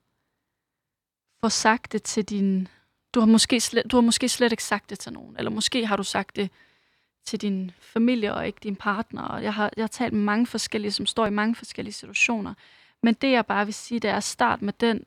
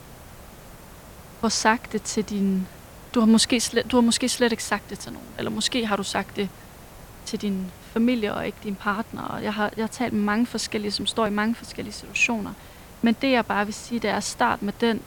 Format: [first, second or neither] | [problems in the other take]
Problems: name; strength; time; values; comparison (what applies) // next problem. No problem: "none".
first | hiss; faint; throughout; 20 dB below the speech